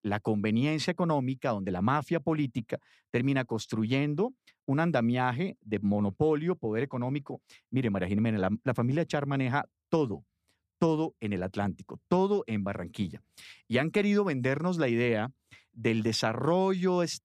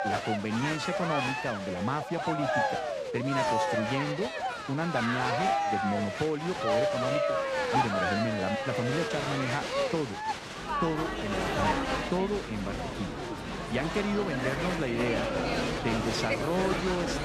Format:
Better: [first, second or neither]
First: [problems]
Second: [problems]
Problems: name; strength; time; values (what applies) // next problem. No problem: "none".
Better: first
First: none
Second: crowd noise; very loud; throughout; 2 dB above the speech